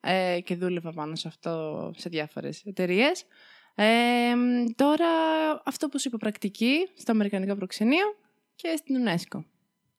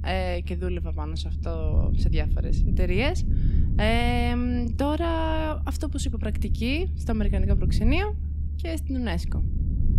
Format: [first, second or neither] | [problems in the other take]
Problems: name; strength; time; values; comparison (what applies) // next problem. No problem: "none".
first | low rumble; noticeable; throughout; 15 dB below the speech